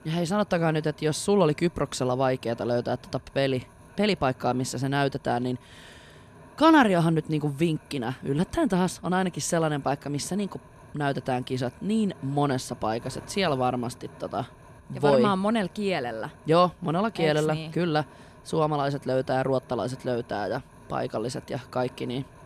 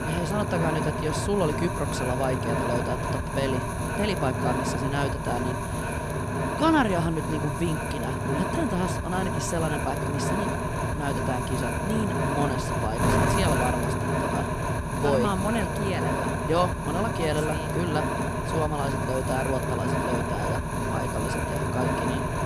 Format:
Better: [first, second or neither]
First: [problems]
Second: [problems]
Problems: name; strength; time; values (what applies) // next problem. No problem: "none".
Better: first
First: wind noise on the microphone; occasional gusts; 25 dB below the speech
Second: wind noise on the microphone; heavy; 1 dB above the speech